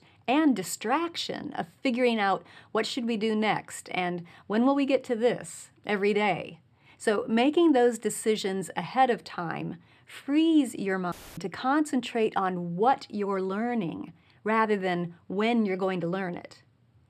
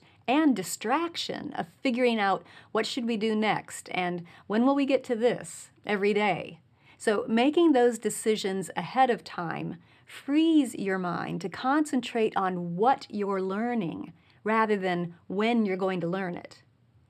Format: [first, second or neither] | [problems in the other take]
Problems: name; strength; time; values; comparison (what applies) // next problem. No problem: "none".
second | audio cutting out; filled with static; at 11 s